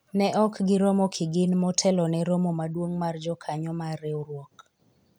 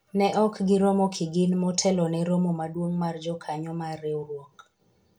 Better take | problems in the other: first | room echo; dies away in 0.2 s

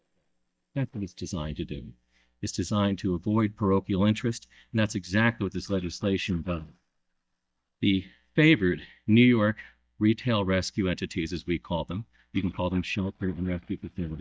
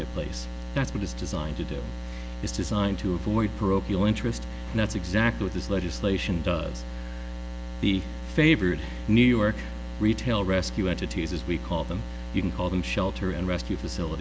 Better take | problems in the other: second | noise reduction (neural mask model DeepFilterNet 3)

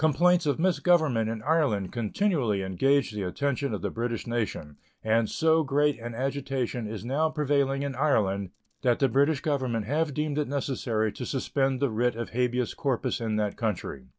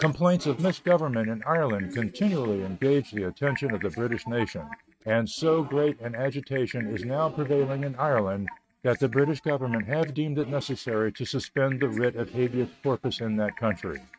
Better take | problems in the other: first | noise reduction (neural mask model RNNoise)

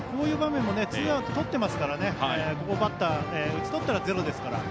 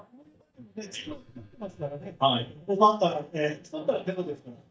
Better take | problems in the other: first | noise reduction (neural mask model DeepFilterNet 3)

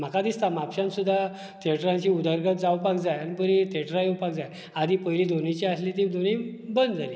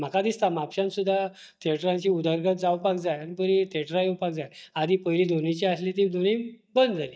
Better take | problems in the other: first | noise reduction (neural mask model DeepFilterNet 3)

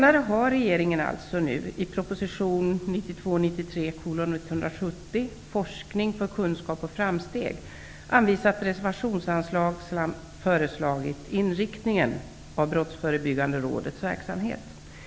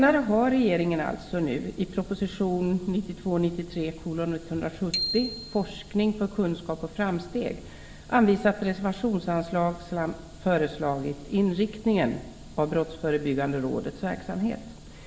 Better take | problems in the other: first | background sound (Bicycle bell); 11 dB below the speech // room echo; dies away in 1.2 s

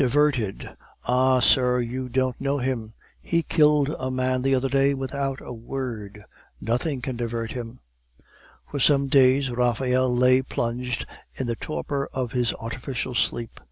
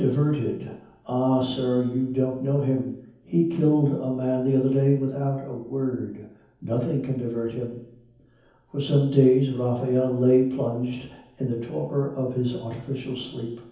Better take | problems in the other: first | room echo; dies away in 0.7 s

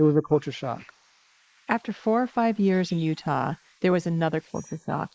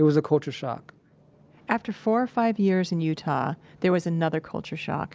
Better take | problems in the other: second | noise reduction (neural mask model Resemble Enhance denoiser)

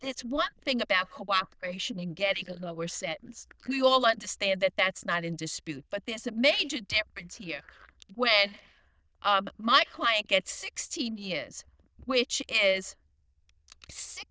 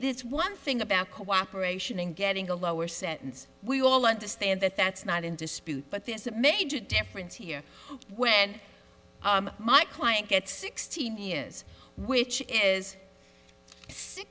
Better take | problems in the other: second | noise reduction (neural diffusion model UNIVERSE++)

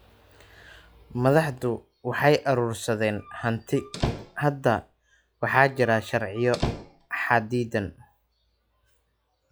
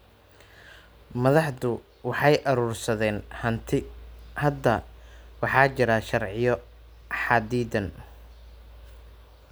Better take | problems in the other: second | noise reduction (classical method log-MMSE)

